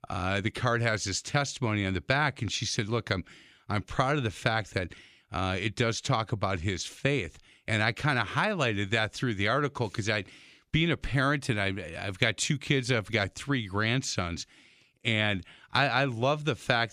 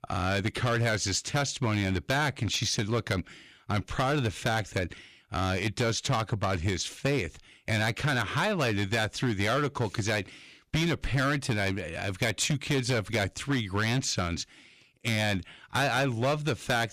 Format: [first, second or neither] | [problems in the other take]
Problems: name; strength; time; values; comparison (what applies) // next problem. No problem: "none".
first | distortion; heavy; 9% of the sound clipped